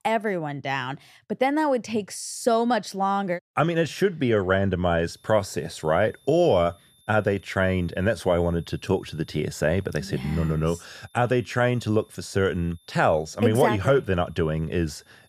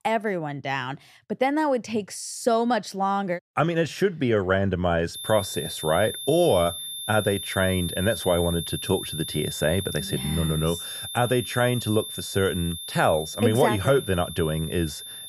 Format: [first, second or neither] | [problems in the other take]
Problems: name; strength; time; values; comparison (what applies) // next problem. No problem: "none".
first | high-pitched whine; loud; from 5 s on; 3.5 kHz, 7 dB below the speech; faint in the first